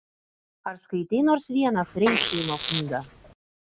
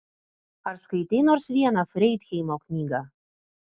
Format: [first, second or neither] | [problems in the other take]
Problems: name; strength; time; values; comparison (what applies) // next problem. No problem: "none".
second | background sound (Fart); 4 dB below the speech